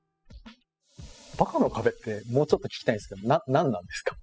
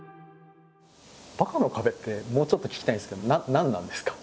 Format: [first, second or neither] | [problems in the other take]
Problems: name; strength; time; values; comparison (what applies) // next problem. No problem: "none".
second | noise reduction (classical method spectral subtraction)